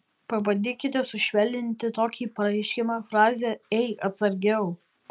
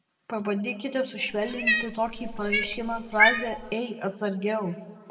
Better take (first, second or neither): first